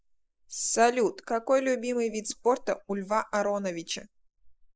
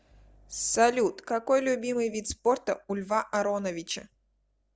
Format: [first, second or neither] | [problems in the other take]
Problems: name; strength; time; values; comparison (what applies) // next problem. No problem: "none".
second | noise reduction (neural mask model Resemble Enhance denoiser)